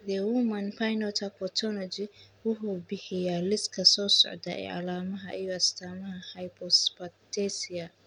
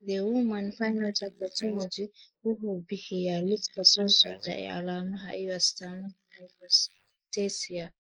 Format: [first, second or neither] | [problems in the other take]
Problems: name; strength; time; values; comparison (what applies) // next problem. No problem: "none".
first | noise reduction (neural mask model Resemble Enhance denoiser)